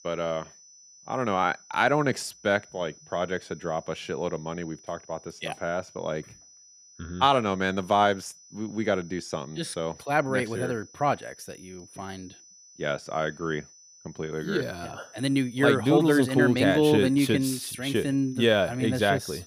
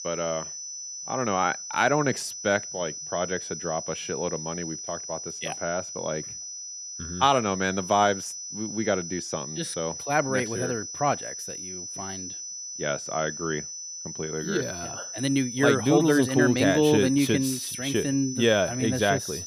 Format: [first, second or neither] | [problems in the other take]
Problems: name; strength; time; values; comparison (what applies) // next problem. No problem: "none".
first | high-pitched whine; loud; throughout; 6 kHz, 8 dB below the speech; faint in the first